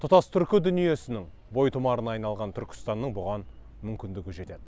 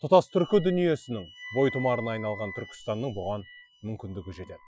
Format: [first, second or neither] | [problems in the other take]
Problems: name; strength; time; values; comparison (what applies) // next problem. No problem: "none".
first | noise reduction (classical method Wiener filter)